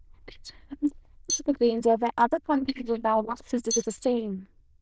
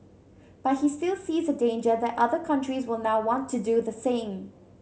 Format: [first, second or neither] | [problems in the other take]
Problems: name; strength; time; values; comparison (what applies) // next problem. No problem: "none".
second | noise reduction (neural diffusion model UNIVERSE++)